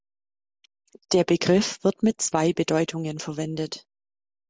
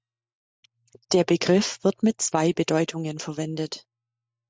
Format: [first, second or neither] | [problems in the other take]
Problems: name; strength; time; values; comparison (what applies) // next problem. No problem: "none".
first | noise reduction (neural mask model RNNoise)